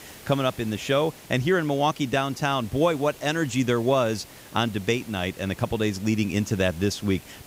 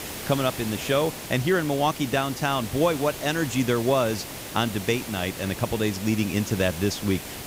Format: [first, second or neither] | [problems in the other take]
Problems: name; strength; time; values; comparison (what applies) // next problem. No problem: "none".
first | hiss; loud; throughout; 10 dB below the speech; faint in the first